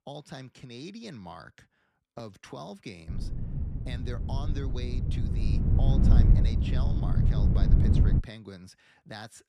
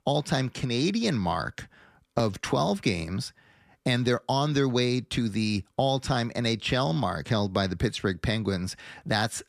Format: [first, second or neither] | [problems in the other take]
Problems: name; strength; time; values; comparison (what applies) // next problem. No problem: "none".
second | wind noise on the microphone; heavy; from 3 to 8 s; 4 dB above the speech